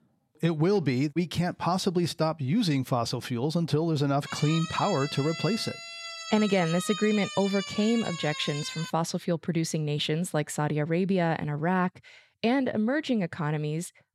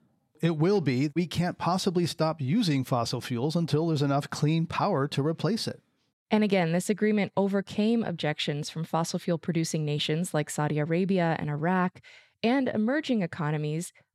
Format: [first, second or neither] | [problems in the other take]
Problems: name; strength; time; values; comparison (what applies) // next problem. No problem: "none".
second | siren; noticeable; from 4.5 to 9 s; peak 7 dB below the speech